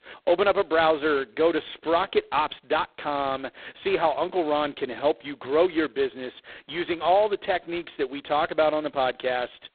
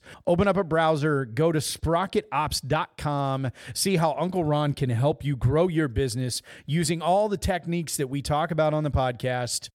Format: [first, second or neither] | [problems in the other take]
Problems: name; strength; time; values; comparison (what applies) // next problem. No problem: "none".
second | phone-call audio; poor line; nothing above 4 kHz